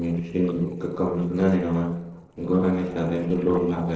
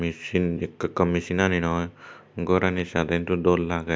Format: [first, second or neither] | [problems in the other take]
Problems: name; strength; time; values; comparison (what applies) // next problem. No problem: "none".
second | noise reduction (neural separator model SepFormer DNS4)